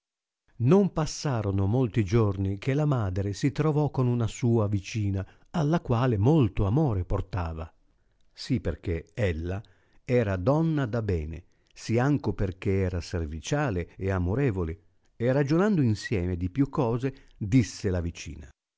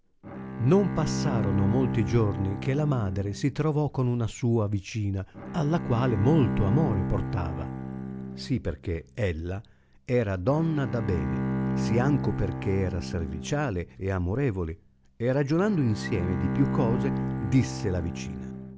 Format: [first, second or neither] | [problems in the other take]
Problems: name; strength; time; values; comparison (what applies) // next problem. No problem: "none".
first | background sound (Bowed string instrument); 5 dB below the speech